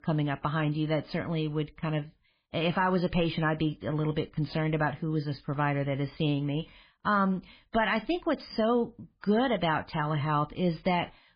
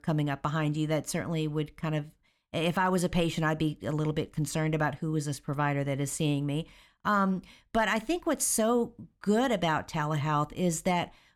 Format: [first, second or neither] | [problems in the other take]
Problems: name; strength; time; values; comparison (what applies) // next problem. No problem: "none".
second | garbled, watery; badly